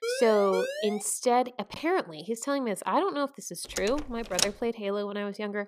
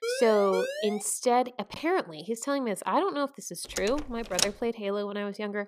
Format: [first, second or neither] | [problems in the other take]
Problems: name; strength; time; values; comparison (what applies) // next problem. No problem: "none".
neither | siren; noticeable; until 1 s; peak 3 dB below the speech; the same in both // door banging; loud; at 4 s; peak 1 dB above the speech; the same in both